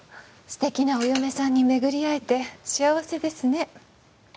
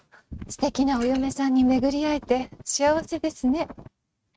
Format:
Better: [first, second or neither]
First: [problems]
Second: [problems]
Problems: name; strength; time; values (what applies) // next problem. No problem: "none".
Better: first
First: none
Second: noise reduction (neural mask model RNNoise)